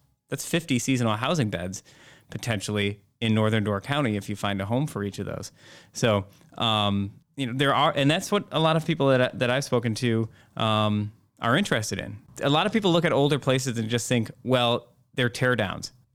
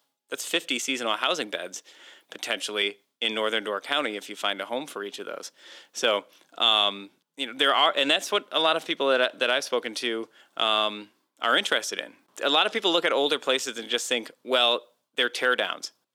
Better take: first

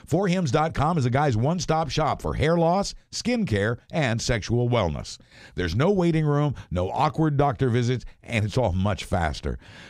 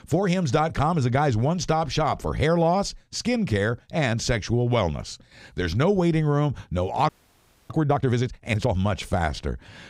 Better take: first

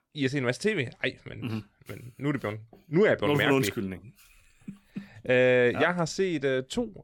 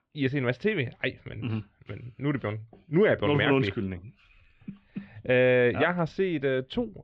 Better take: first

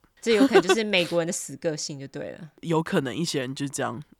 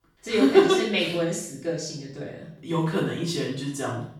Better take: first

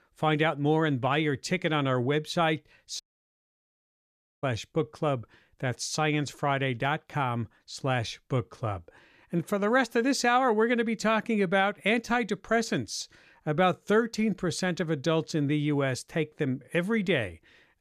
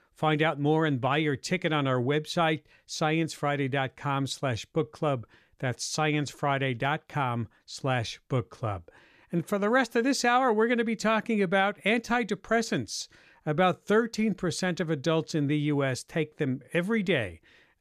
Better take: second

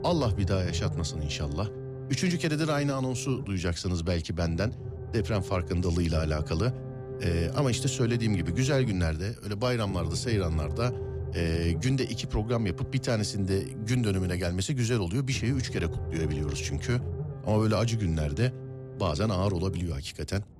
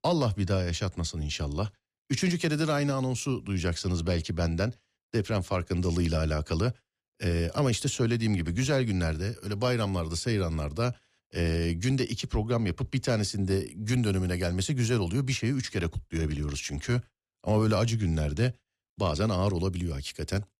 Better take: second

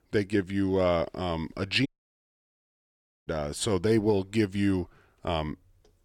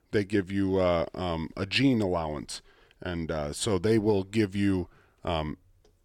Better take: second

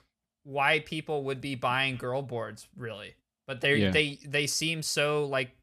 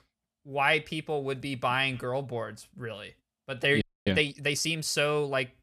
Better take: first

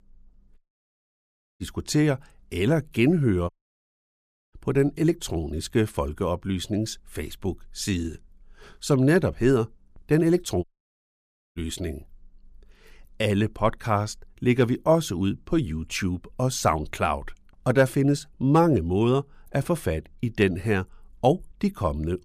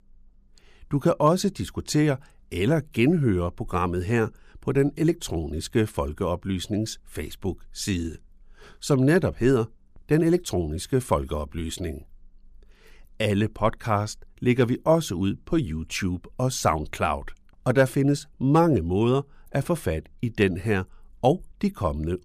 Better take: second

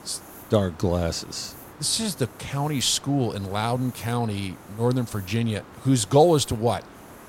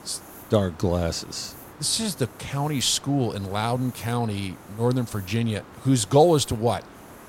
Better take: neither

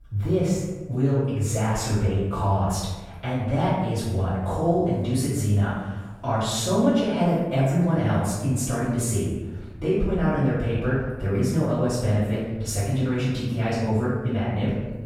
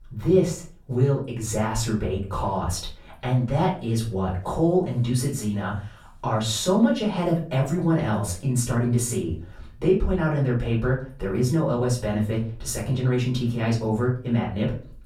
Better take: second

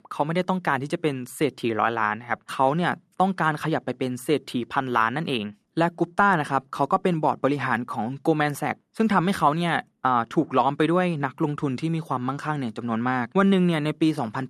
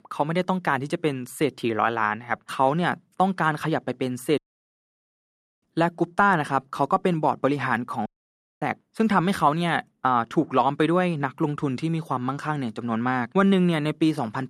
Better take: first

